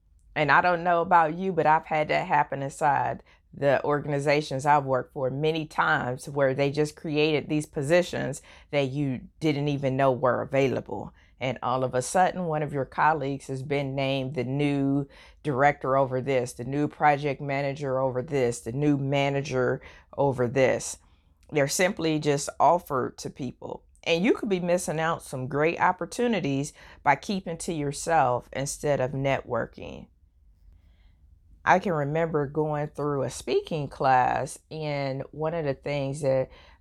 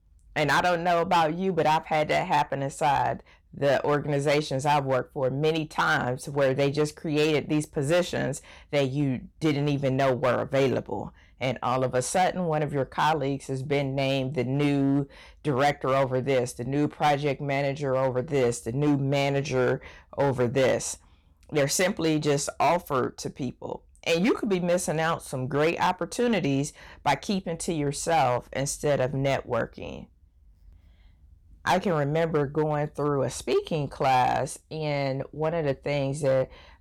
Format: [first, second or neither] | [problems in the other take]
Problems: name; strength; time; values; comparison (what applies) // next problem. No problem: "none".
first | distortion; slight; 6% of the sound clipped